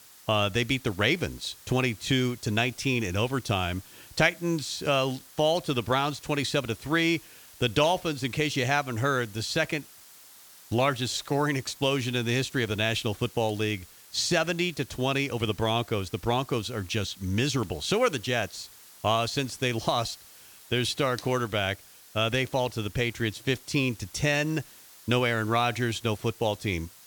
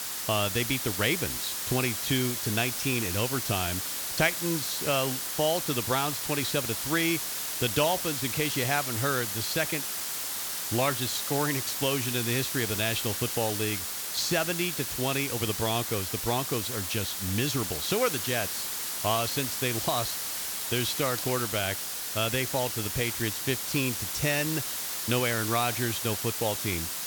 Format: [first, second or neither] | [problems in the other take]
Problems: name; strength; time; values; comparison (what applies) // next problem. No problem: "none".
first | hiss; loud; throughout; 1 dB below the speech; faint in the first